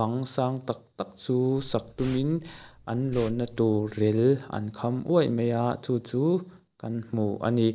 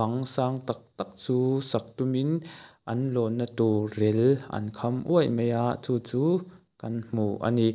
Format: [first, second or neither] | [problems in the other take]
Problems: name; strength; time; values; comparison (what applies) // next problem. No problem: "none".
second | background sound (Liquid); 17 dB below the speech